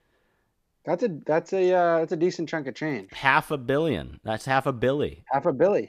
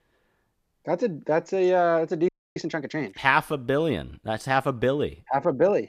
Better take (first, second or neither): first